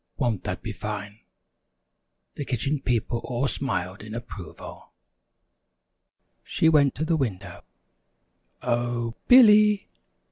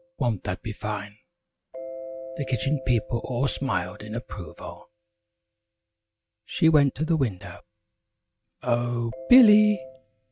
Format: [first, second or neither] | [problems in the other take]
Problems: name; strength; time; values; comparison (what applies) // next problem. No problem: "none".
first | noise reduction (neural mask model RNNoise)